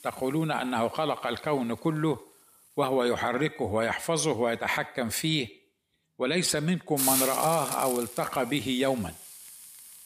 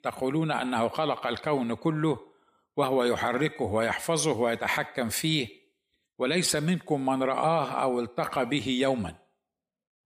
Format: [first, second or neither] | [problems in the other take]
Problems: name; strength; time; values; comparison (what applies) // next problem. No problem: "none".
second | hiss; loud; throughout; 3 dB below the speech